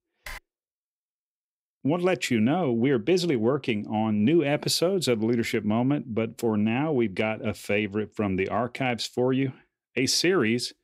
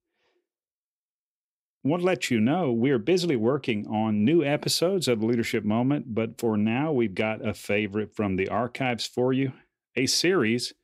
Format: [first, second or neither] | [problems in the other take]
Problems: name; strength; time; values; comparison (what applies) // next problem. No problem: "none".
second | keyboard typing; faint; at 0.5 s; peak 15 dB below the speech